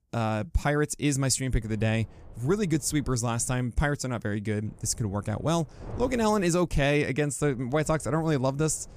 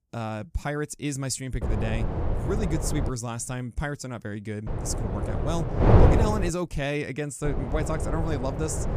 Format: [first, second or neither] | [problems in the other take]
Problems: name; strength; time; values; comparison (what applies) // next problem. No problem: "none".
first | wind noise on the microphone; heavy; from 1.5 to 3 s, from 4.5 to 6.5 s and from 7.5 s on; 1 dB above the speech; occasional gusts in the first